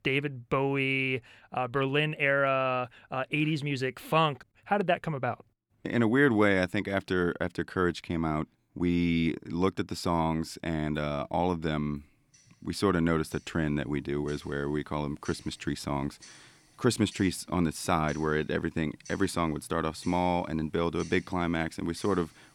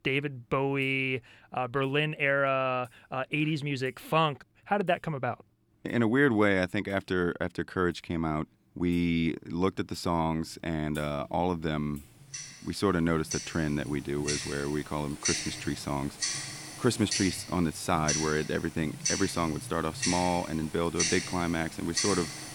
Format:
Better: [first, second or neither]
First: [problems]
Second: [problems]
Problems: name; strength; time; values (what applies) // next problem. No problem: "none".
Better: first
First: household noises; faint; throughout; 25 dB below the speech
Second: household noises; loud; throughout; 4 dB below the speech